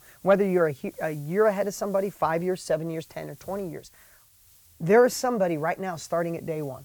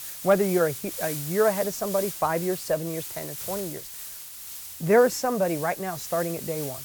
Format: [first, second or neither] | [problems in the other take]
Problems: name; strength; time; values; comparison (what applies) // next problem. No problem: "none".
first | hiss; loud; throughout; 8 dB below the speech; faint in the first